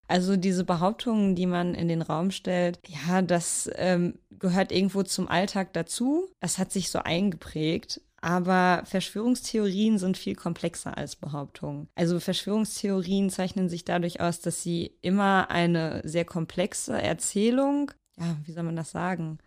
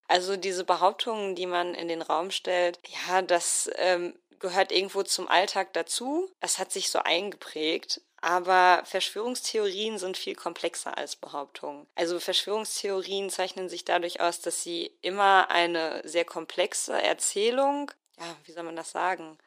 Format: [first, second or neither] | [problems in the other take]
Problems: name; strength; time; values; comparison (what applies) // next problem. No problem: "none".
first | thin; very; fading below 350 Hz